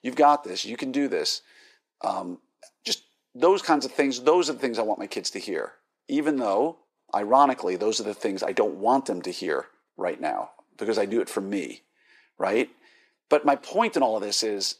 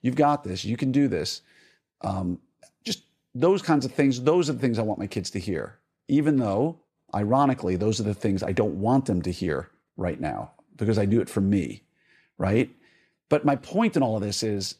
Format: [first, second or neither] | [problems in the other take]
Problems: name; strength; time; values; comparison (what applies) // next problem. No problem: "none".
second | thin; somewhat; fading below 350 Hz